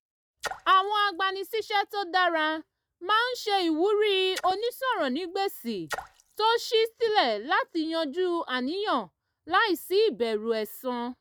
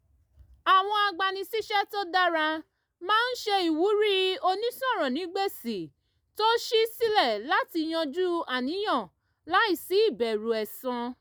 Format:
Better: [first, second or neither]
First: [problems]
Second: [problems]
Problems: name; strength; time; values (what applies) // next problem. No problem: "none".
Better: second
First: noise reduction (neural mask model RNNoise)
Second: none